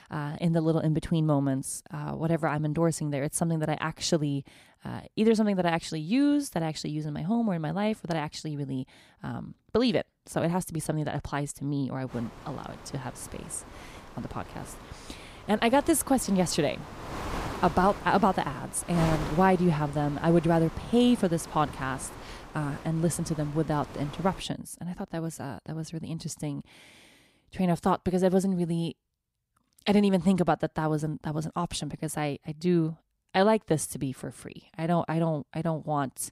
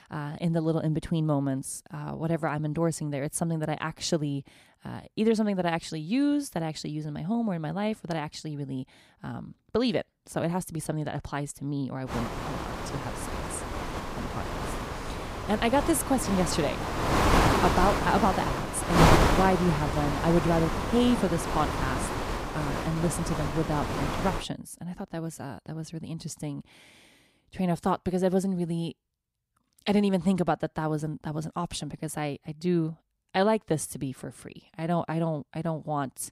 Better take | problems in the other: first | wind noise on the microphone; heavy; from 12 to 24 s; 2 dB above the speech; occasional gusts in the first

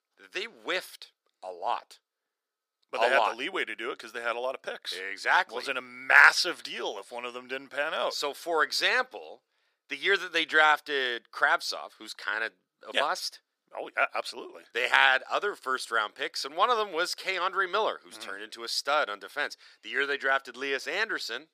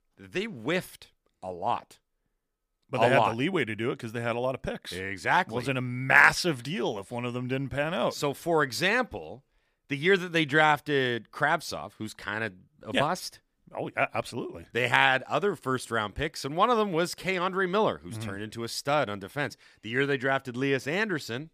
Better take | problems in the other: second | thin; very; fading below 400 Hz

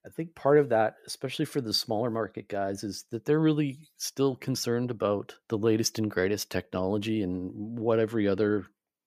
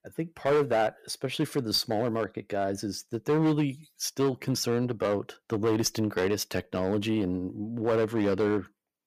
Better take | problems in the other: first | distortion; slight; 7% of the sound clipped

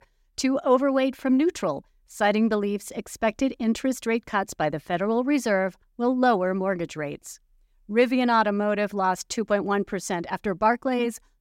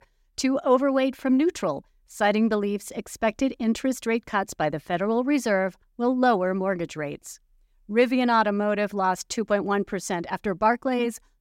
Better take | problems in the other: neither | none

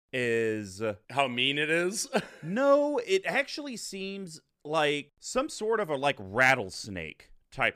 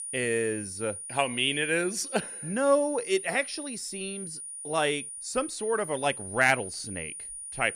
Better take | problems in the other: first | high-pitched whine; loud; throughout; 9.5 kHz, 8 dB below the speech

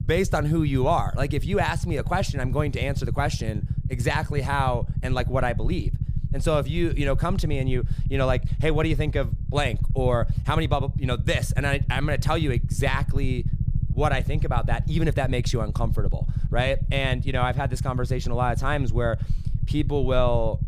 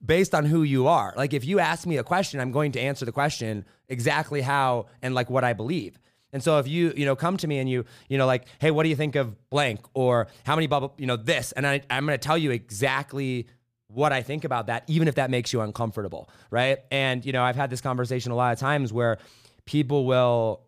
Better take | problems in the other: second | low rumble; noticeable; throughout; 15 dB below the speech

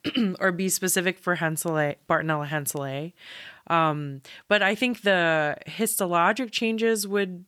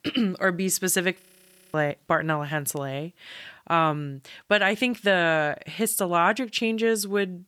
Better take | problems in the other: first | audio freezing; at 1 s for 0.5 s

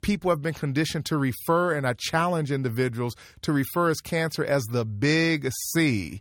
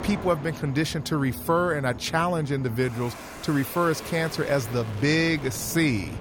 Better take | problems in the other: first | train or aircraft noise; noticeable; throughout; 15 dB below the speech

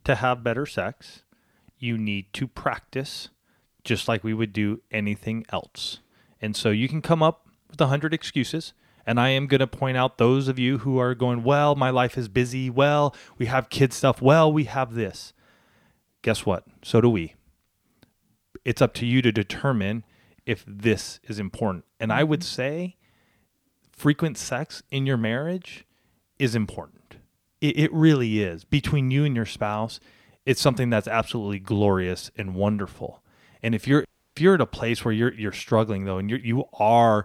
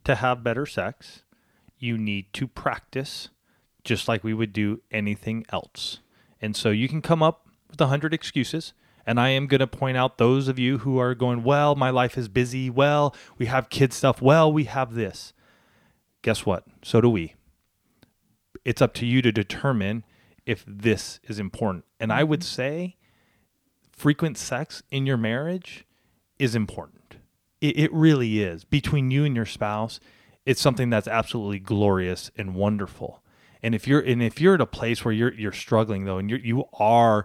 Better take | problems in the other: second | audio cutting out; at 34 s

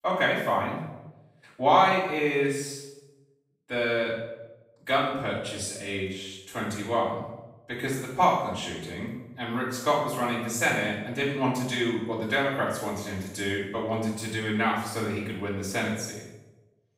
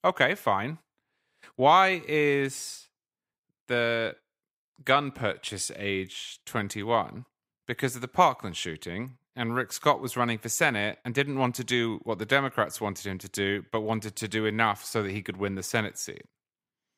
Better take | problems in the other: second | off-mic speech; far // room echo; noticeable; dies away in 0.8 s

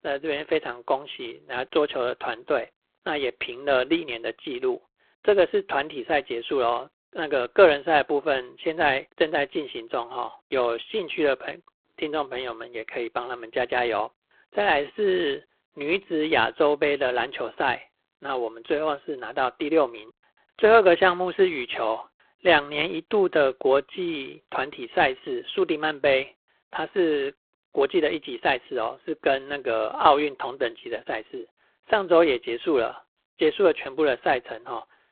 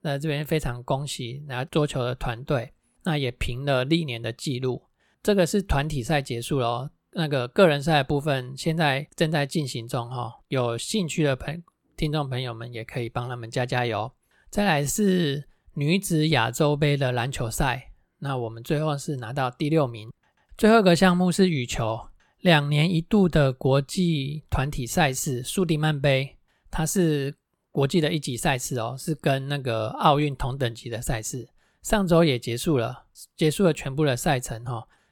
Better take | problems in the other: second | phone-call audio; poor line

